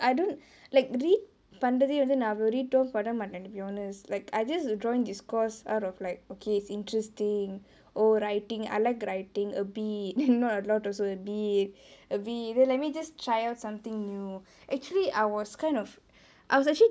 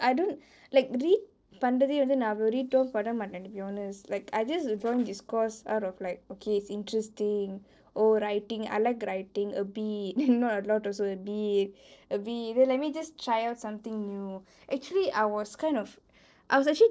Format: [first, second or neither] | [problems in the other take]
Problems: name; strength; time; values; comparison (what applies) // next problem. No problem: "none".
first | noise reduction (neural separator model SepFormer DNS4)